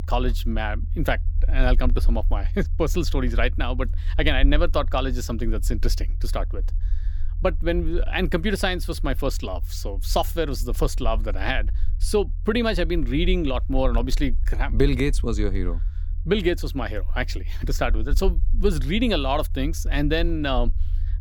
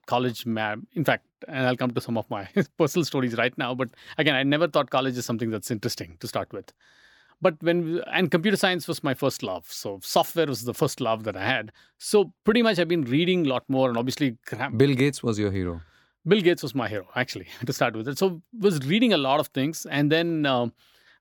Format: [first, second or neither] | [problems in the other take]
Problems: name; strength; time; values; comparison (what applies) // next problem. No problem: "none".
second | low rumble; faint; throughout; 25 dB below the speech